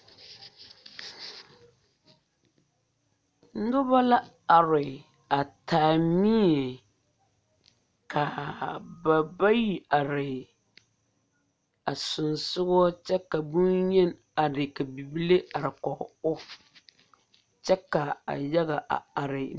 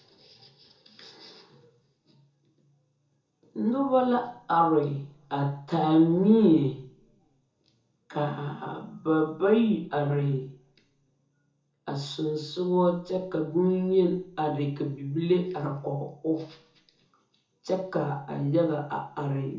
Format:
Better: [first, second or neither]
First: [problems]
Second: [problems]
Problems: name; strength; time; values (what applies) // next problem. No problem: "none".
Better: first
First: none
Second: room echo; dies away in 0.6 s